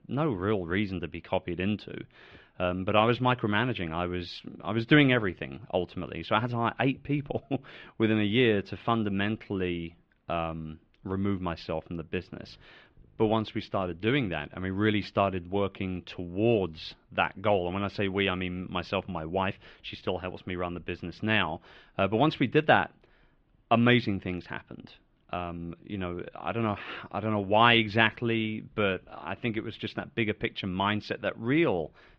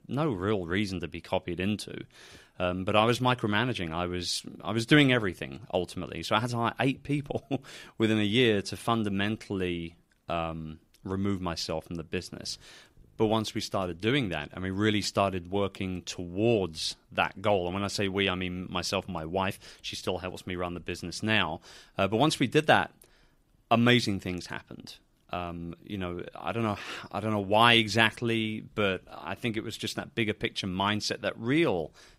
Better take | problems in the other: second | muffled; slightly; fading above 3 kHz

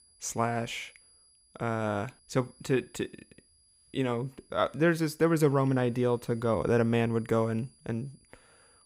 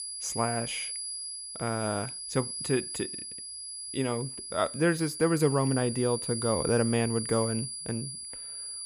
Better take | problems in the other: first | high-pitched whine; loud; throughout; 10 kHz, 5 dB below the speech; faint in the first

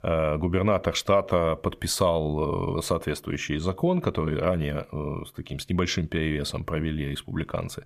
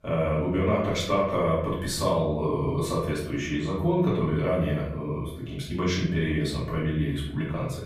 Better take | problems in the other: first | off-mic speech; far // room echo; noticeable; dies away in 0.7 s

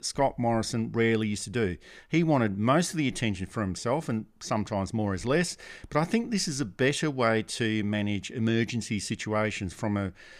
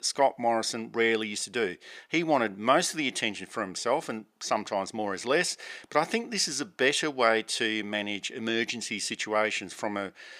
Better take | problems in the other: first | thin; somewhat; fading below 350 Hz

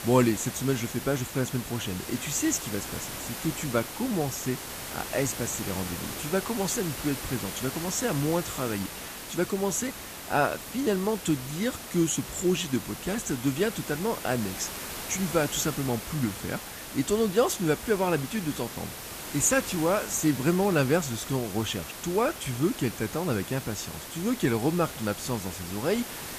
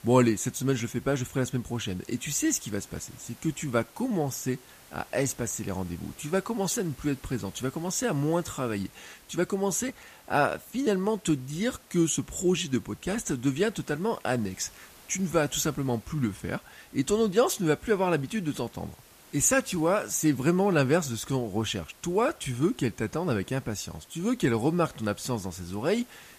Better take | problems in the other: second | hiss; loud; throughout; 8 dB below the speech; faint in the second

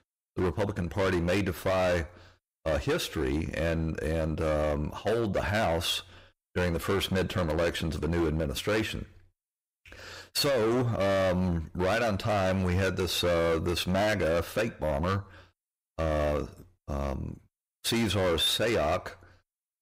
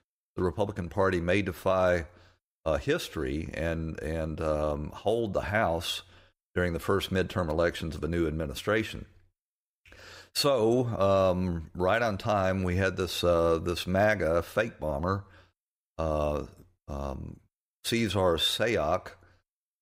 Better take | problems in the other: second | distortion; heavy; 16% of the sound clipped

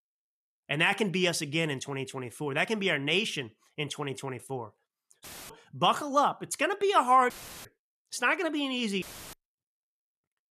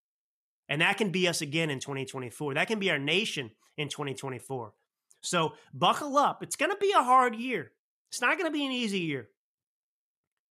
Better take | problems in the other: second | audio cutting out; filled with static; at 5 s, at 7.5 s and at 9 s

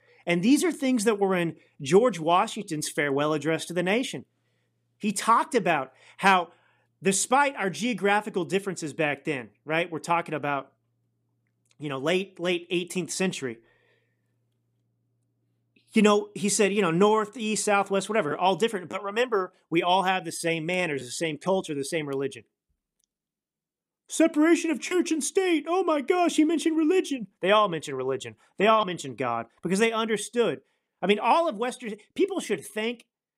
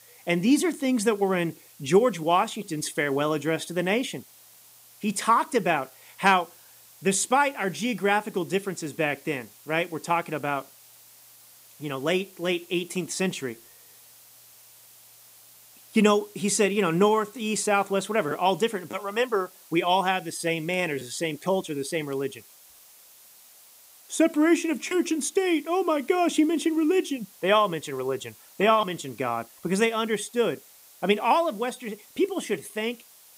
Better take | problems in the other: first | hiss; faint; throughout; 25 dB below the speech

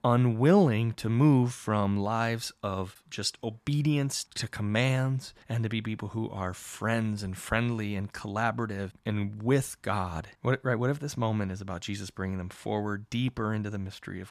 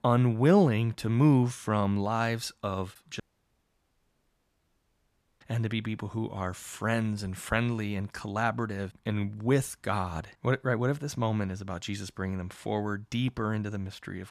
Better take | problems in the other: first | audio cutting out; at 3 s for 2 s

